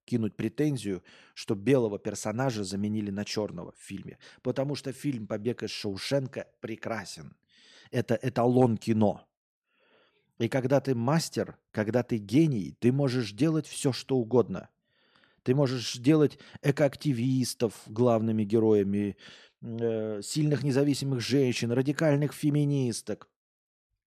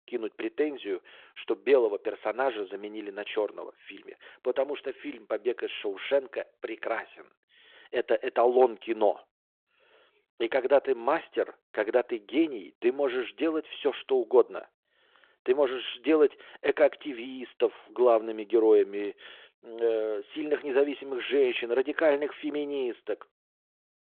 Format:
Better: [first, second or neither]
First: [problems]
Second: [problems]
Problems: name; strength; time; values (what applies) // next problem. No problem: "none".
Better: first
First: none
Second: phone-call audio